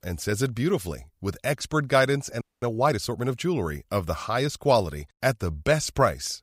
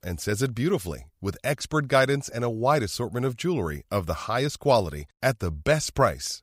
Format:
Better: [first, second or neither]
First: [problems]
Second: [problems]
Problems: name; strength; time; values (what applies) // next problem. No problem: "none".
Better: second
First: audio freezing; at 2.5 s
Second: none